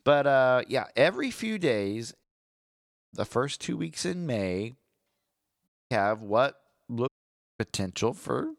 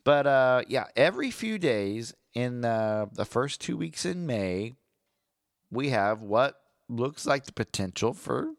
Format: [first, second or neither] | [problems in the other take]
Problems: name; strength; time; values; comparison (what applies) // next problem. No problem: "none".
second | audio cutting out; at 2 s for 1 s, at 5.5 s and at 7 s for 0.5 s